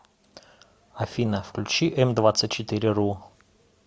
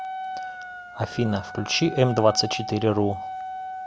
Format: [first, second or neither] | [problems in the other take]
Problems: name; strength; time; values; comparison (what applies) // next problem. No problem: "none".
first | background sound (Wind instrument, woodwind instrument); 9 dB below the speech